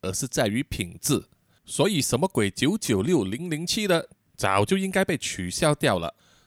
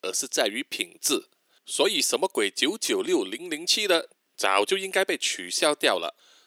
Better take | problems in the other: first | thin; somewhat; fading below 350 Hz

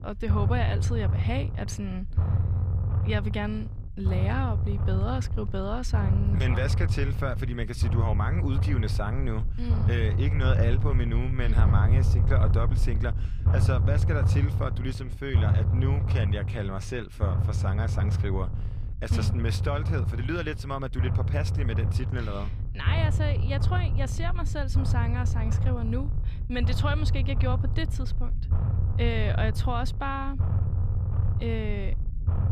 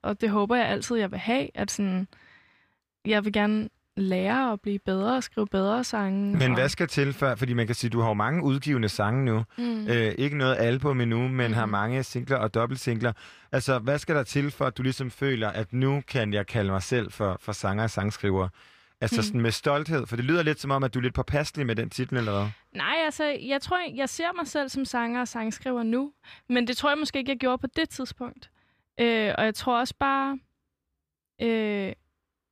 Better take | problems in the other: second | low rumble; loud; throughout; 6 dB below the speech

